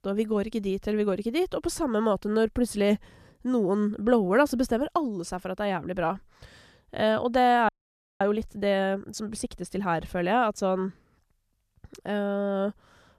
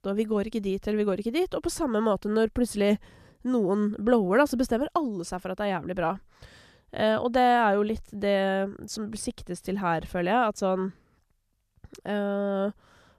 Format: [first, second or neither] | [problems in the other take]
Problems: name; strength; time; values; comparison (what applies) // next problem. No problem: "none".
second | audio freezing; at 7.5 s for 0.5 s